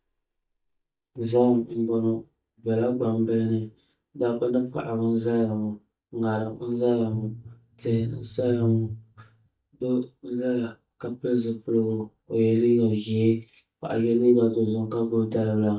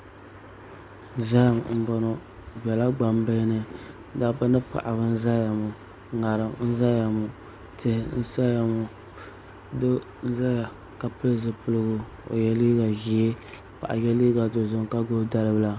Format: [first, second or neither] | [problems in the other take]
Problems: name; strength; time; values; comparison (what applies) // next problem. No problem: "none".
second | noise reduction (neural mask model DeepFilterNet 3)